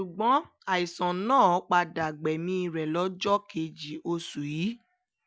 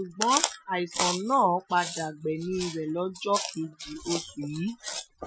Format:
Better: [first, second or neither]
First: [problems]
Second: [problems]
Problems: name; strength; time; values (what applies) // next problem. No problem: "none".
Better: first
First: none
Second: noise reduction (classical method Wiener filter)